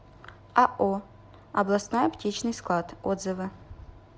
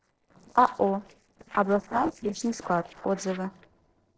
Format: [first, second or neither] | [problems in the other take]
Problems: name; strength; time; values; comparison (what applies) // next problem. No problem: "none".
first | noise reduction (neural separator model SepFormer DNS4)